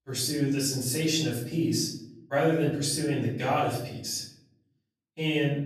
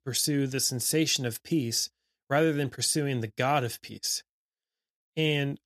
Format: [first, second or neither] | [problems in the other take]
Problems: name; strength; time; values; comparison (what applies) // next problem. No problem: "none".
second | off-mic speech; far // room echo; noticeable; dies away in 0.8 s